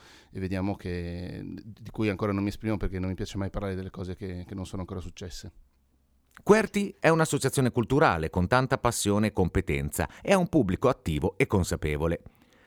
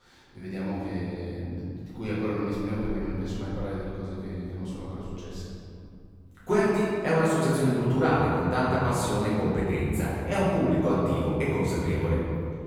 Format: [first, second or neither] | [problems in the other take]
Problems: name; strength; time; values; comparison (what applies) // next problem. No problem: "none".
first | room echo; strong; dies away in 2.5 s // off-mic speech; far